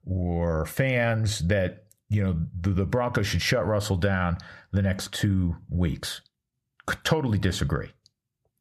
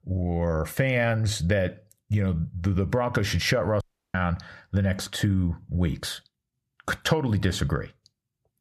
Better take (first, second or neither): first